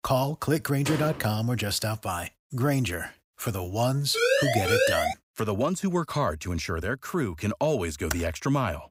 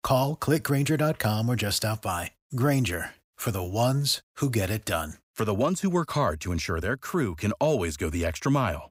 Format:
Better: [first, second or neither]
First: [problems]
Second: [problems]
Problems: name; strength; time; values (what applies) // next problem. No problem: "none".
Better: second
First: door banging; noticeable; at 1 s; peak 6 dB below the speech // siren; loud; at 4 s; peak 5 dB above the speech // keyboard typing; noticeable; at 8 s; peak 7 dB below the speech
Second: none